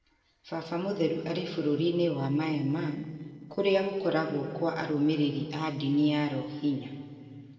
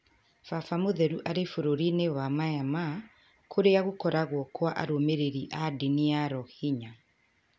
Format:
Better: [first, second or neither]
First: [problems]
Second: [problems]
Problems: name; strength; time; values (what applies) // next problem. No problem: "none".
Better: second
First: noise reduction (neural separator model SepFormer DNS4)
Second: none